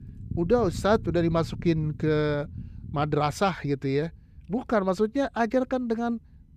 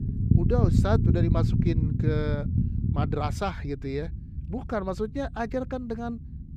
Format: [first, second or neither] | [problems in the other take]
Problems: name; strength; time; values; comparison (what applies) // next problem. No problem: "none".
first | low rumble; loud; throughout; 4 dB below the speech; faint in the first